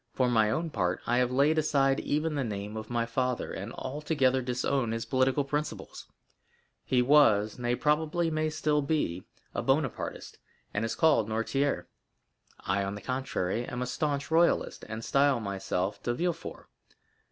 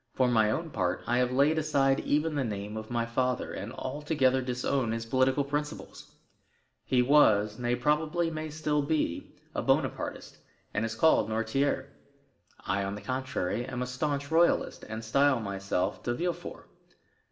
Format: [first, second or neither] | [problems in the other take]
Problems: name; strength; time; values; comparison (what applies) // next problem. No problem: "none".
first | room echo; dies away in 0.6 s